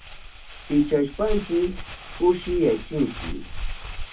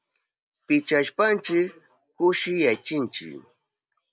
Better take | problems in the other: second | background sound (Crumpling, crinkling); 7 dB below the speech // room echo; dies away in 0.3 s

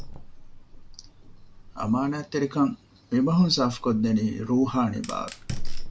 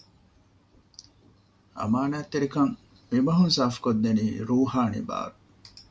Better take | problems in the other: second | background sound (Fire); 7 dB below the speech

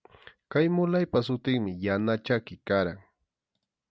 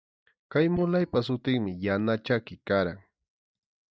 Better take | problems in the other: first | noise reduction (neural mask model DeepFilterNet 3)

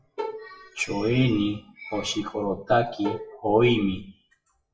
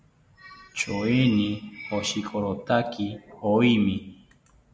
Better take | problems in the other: second | noise reduction (classical method WPE with log-MMSE)

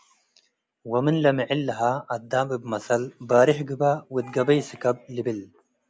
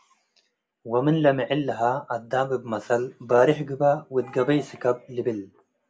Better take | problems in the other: first | room echo; dies away in 0.2 s

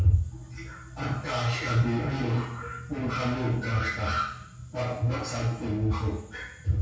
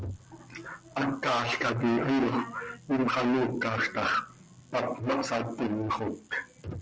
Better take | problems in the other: second | room echo; dies away in 0.6 s

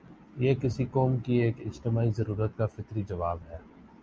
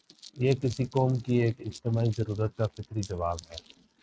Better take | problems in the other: first | noise reduction (neural mask model RNNoise)

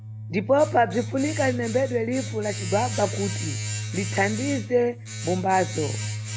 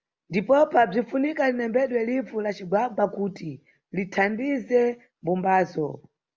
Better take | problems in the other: second | background sound (Domestic sounds, home sounds); 6 dB below the speech

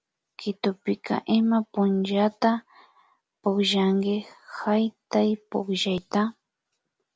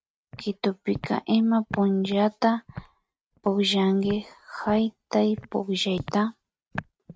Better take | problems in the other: first | noise reduction (neural mask model RNNoise)

